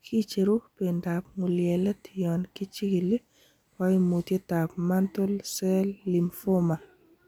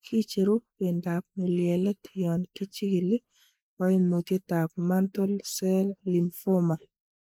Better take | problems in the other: first | noise reduction (neural mask model Resemble Enhance denoiser)

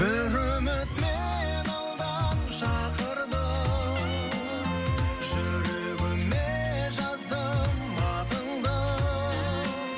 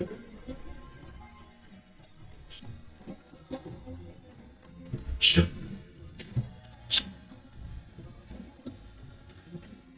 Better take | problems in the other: first | noise reduction (neural mask model DeepFilterNet 3)

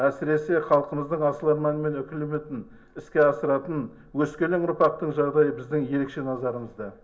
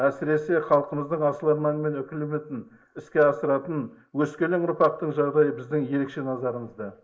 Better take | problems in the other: first | noise reduction (neural mask model Resemble Enhance denoiser)

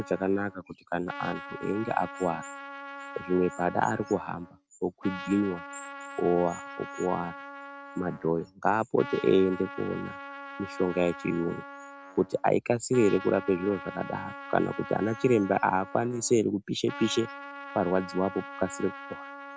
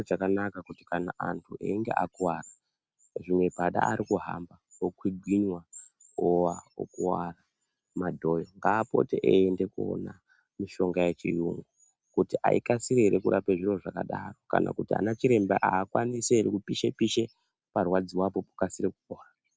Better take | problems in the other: second | background sound (Trumpet); 13 dB below the speech

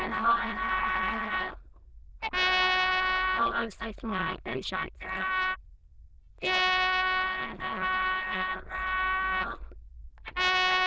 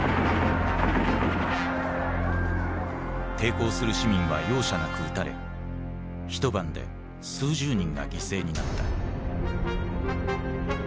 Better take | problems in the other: second | noise reduction (neural diffusion model UNIVERSE++)

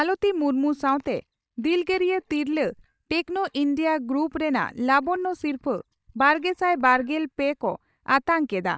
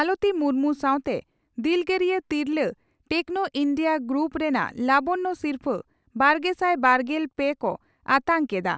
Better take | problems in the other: second | noise reduction (neural mask model DeepFilterNet 3)

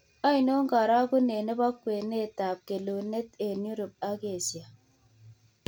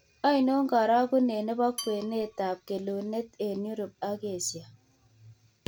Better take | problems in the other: first | background sound (Dishes, pots, and pans / Glass / Bell); 15 dB below the speech

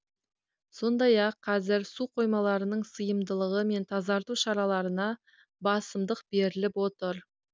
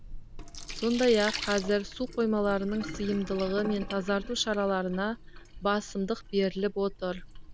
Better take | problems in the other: first | background sound (Sink (filling or washing)); 11 dB below the speech

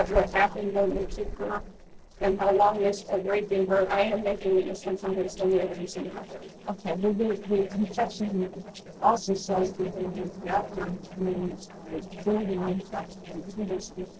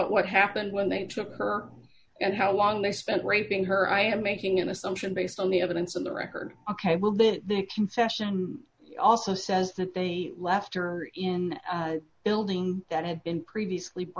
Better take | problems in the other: second | noise reduction (neural separator model SepFormer DNS4)

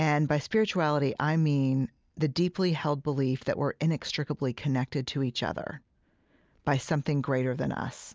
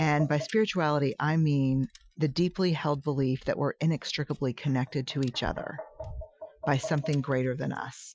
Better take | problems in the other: first | noise reduction (classical method Wiener filter)

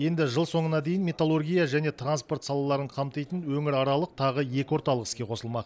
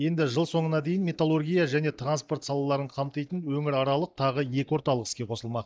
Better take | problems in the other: first | noise reduction (neural mask model DeepFilterNet 3)

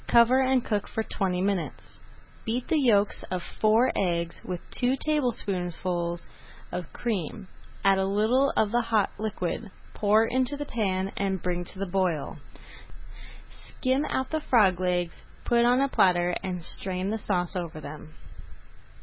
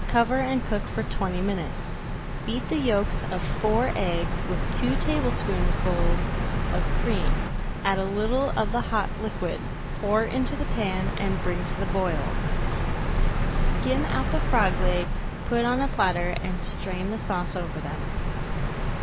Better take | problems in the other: first | background sound (Bird vocalization, bird call, bird song); 2 dB above the speech

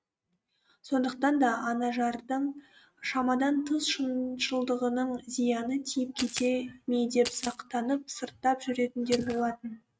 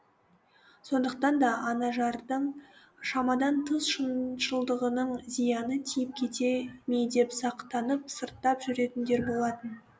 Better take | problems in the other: second | noise reduction (neural mask model RNNoise)

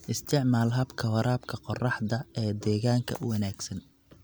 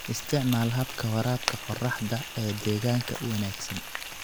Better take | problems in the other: first | background sound (Frying (food)); 8 dB below the speech

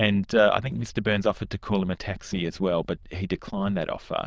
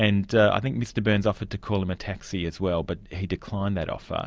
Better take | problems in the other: second | noise reduction (neural diffusion model UNIVERSE++)

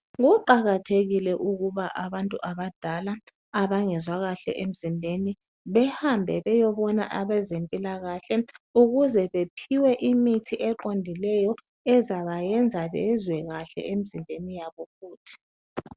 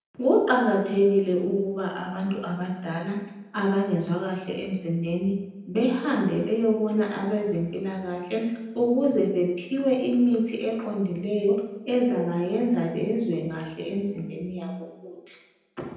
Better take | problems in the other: first | room echo; dies away in 0.9 s

